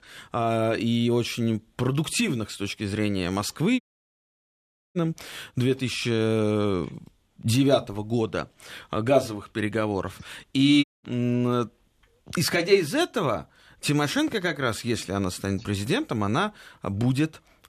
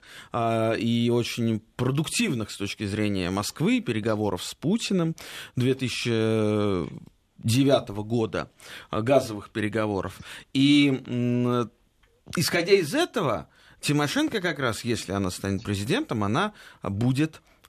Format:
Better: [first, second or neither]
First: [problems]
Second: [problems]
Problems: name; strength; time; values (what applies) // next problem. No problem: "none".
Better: second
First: audio cutting out; at 4 s for 1 s and at 11 s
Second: none